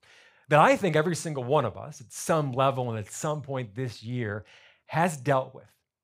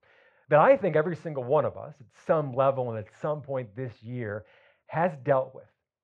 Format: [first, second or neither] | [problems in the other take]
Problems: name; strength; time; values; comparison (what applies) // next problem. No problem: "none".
first | muffled; very; fading above 2 kHz